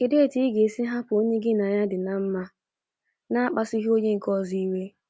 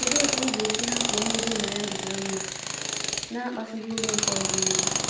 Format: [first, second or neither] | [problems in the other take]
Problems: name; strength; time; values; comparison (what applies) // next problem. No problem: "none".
first | background sound (Tools); 4 dB above the speech // room echo; dies away in 0.6 s